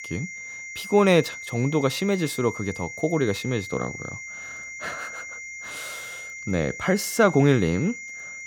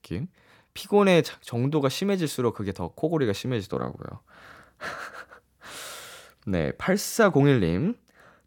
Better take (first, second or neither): second